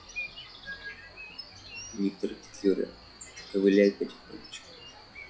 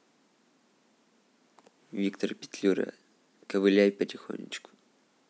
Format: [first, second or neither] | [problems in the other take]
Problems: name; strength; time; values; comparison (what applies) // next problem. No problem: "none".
second | noise reduction (classical method log-MMSE)